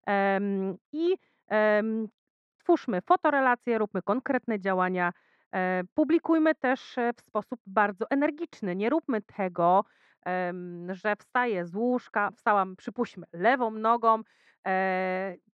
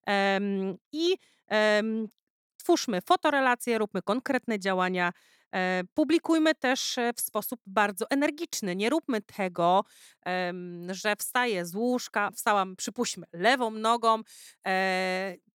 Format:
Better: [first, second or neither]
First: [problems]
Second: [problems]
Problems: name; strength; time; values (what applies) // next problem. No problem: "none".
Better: second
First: muffled; very; fading above 1.5 kHz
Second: none